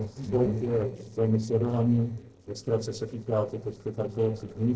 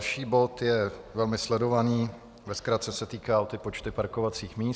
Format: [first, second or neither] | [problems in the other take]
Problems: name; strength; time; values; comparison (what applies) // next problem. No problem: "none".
second | noise reduction (neural separator model SepFormer DNS4)